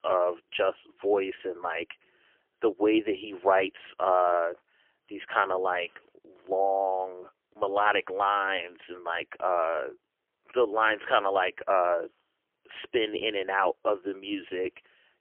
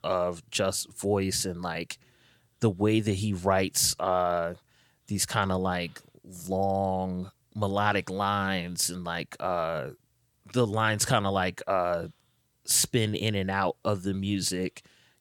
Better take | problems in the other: second | phone-call audio; poor line; nothing above 3 kHz

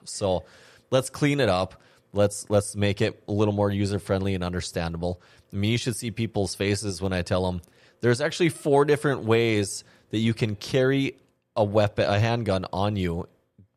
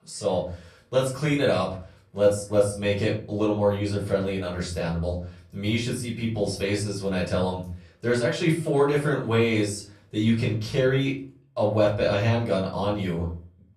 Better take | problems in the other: first | off-mic speech; far // room echo; slight; dies away in 0.4 s

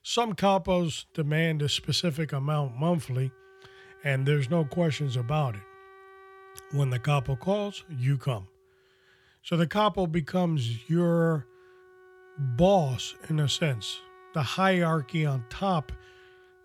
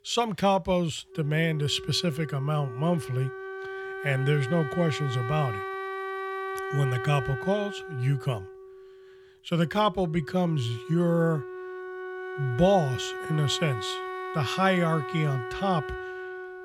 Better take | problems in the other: first | background music; loud; throughout; 9 dB below the speech; faint in the first

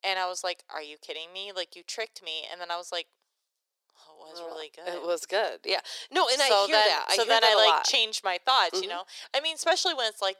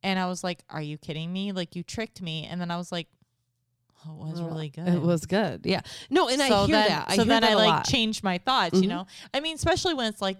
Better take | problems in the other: second | thin; very; fading below 450 Hz

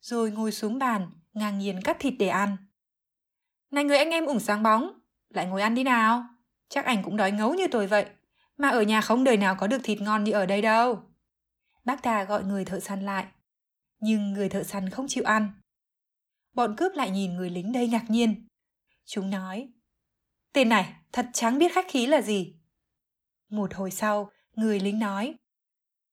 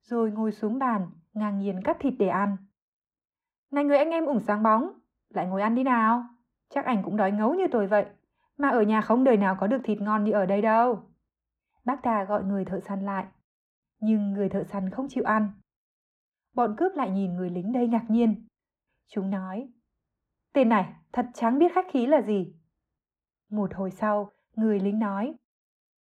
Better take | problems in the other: first | muffled; very; fading above 2.5 kHz

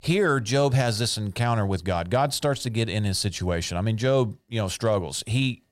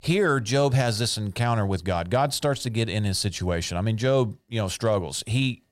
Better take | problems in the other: neither | none

